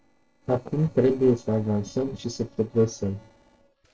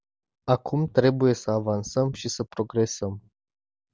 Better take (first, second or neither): second